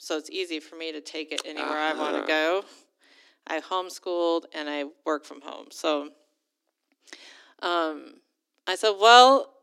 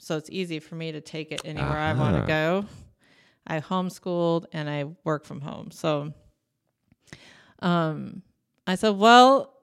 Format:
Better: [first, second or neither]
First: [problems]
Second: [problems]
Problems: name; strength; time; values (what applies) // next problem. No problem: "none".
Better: second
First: thin; somewhat; fading below 300 Hz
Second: none